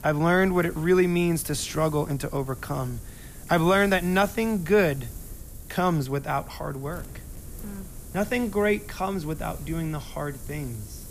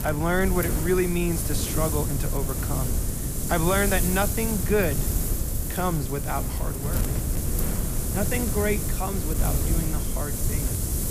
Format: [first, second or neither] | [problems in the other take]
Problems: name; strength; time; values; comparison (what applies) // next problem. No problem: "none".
first | wind noise on the microphone; heavy; 5 dB below the speech; occasional gusts in the first